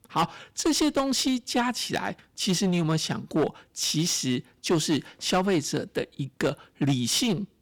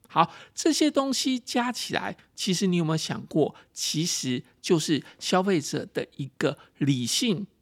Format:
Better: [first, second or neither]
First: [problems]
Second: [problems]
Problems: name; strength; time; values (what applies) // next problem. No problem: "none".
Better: second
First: distortion; slight; 8% of the sound clipped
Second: none